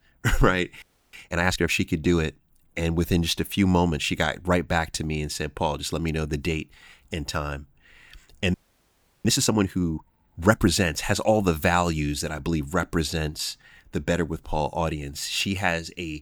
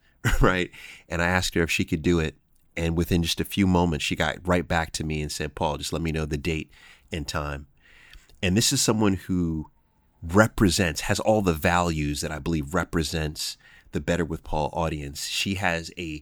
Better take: second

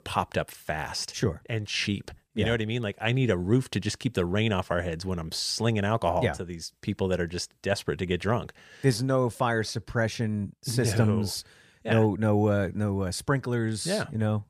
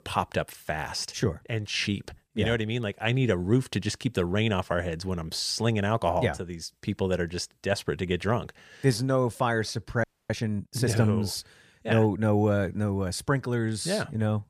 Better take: first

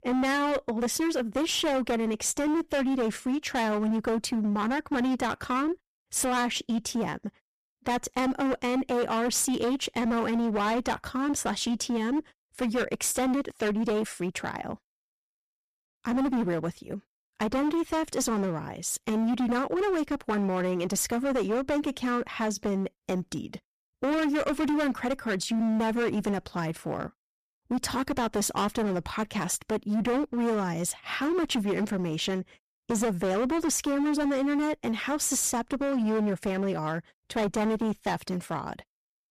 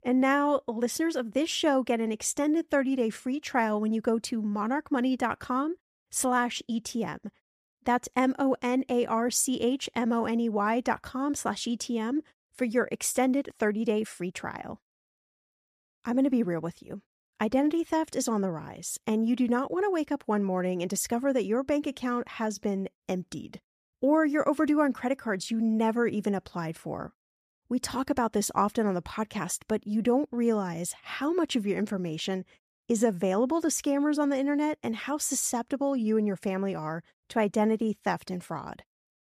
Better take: second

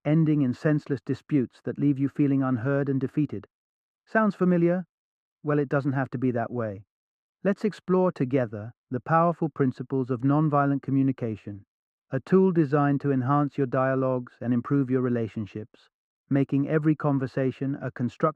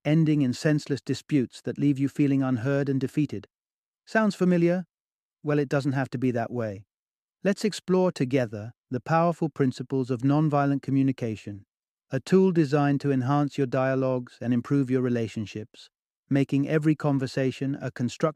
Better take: second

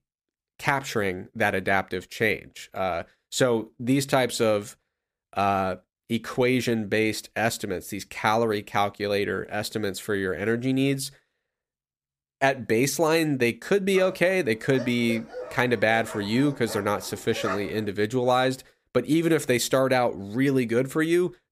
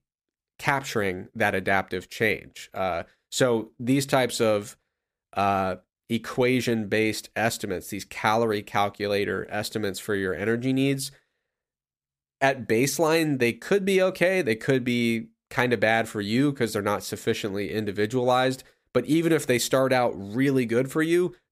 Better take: second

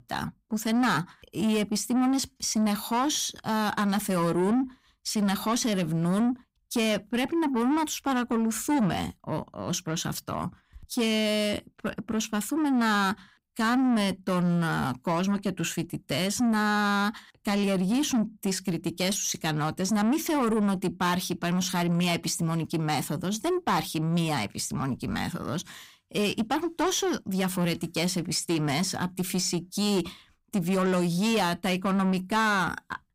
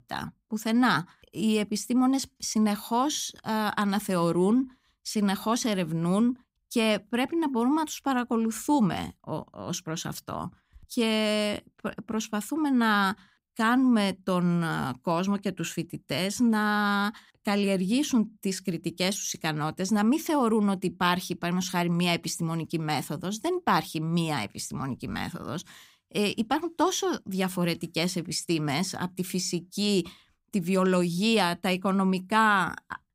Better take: second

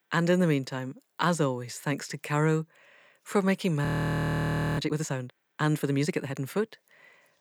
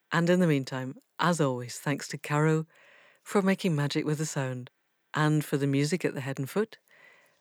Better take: second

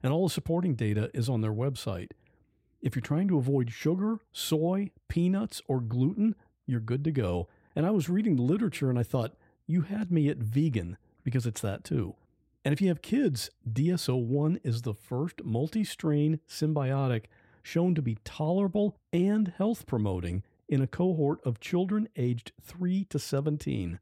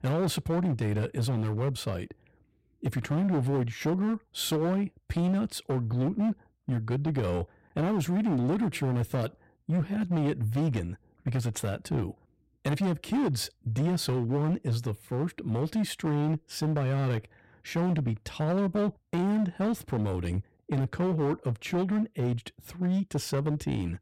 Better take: first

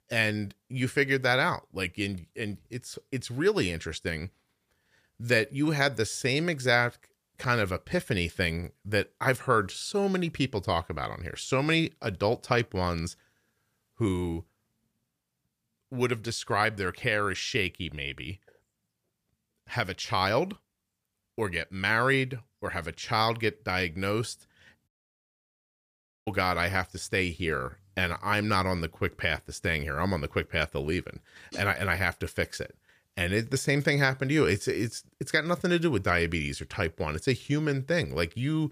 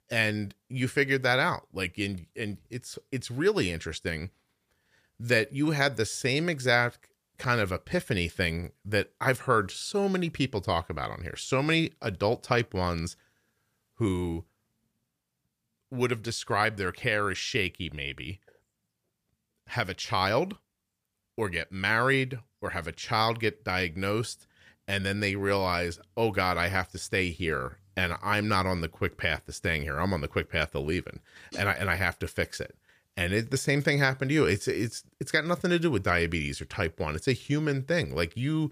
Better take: second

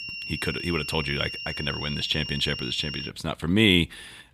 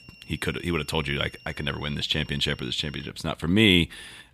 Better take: second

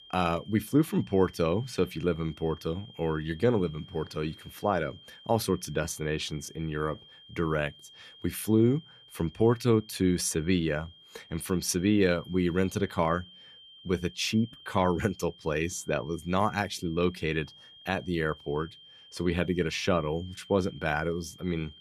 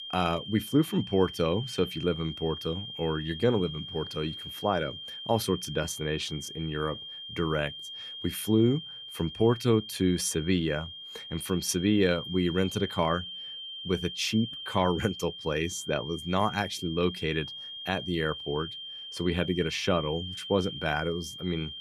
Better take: first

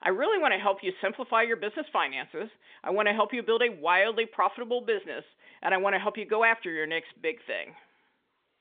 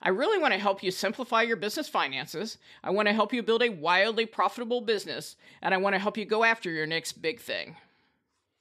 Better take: second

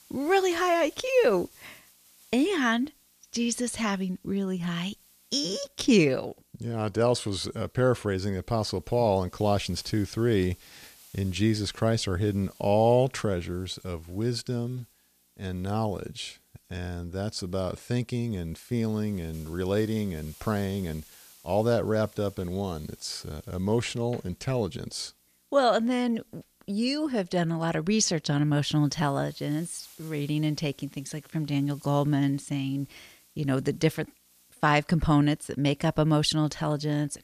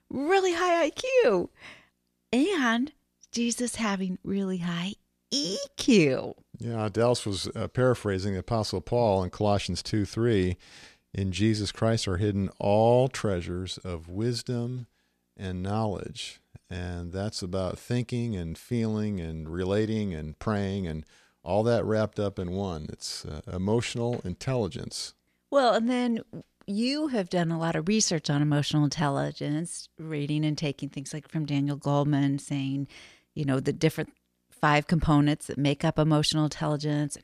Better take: second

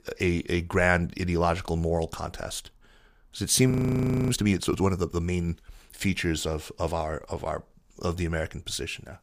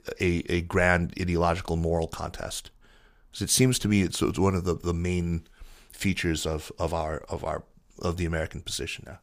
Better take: second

